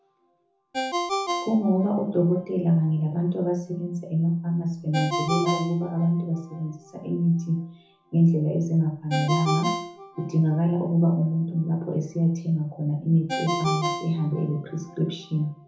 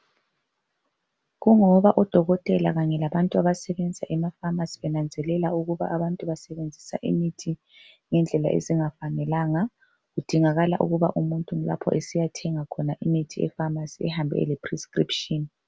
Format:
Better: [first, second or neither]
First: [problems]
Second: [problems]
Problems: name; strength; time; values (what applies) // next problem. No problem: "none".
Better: second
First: background sound (Ringtone); 9 dB below the speech // room echo; dies away in 0.6 s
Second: none